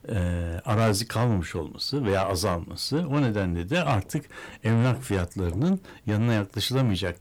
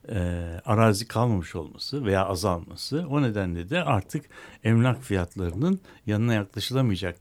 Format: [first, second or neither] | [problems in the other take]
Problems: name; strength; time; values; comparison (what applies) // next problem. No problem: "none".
second | distortion; slight; 9 dB below the speech